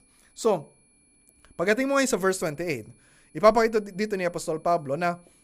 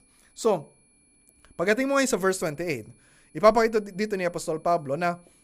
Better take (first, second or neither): neither